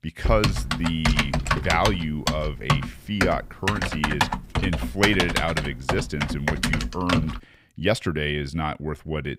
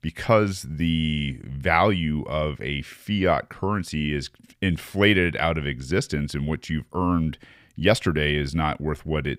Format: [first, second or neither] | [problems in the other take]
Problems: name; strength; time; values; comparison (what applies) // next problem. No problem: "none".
second | keyboard typing; loud; until 7.5 s; peak 4 dB above the speech